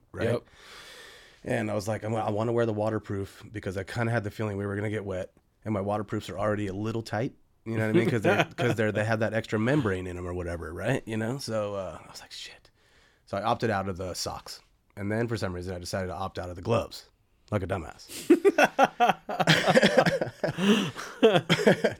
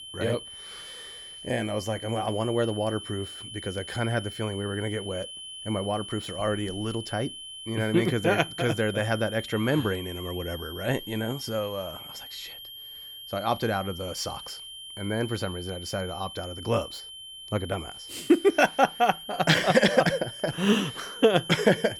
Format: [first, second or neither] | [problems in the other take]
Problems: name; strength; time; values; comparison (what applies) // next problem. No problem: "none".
first | high-pitched whine; noticeable; throughout; 3 kHz, 10 dB below the speech